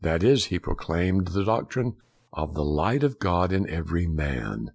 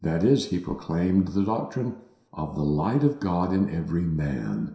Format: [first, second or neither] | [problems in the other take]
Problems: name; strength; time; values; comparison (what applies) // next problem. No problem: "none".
first | room echo; dies away in 0.7 s